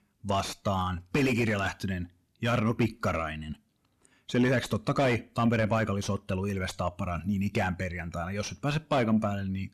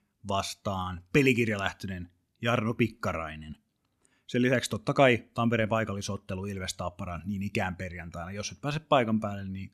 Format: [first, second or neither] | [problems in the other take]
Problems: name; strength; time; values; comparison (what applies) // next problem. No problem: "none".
second | distortion; heavy; 6 dB below the speech